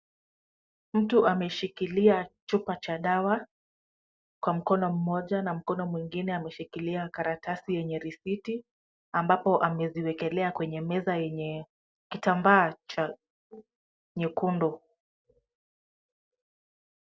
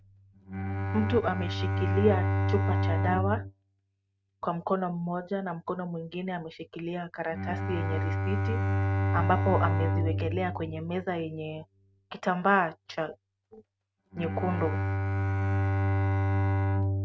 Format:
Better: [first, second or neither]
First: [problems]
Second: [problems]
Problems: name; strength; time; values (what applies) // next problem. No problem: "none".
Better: first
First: none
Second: noise reduction (neural mask model RNNoise)